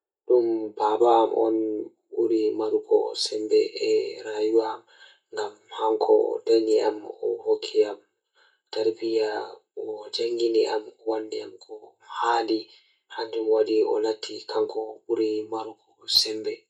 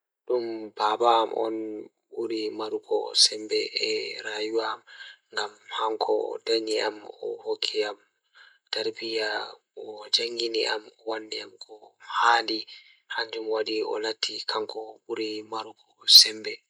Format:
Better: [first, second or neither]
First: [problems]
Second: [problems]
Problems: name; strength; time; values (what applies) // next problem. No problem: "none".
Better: second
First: room echo; dies away in 0.2 s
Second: none